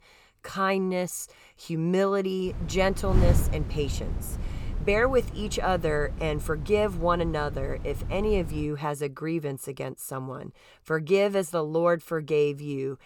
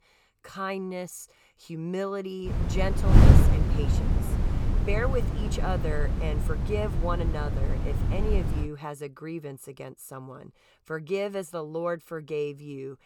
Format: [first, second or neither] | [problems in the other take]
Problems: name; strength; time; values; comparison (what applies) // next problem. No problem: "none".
first | wind noise on the microphone; heavy; from 2.5 to 8.5 s; 2 dB below the speech; occasional gusts in the first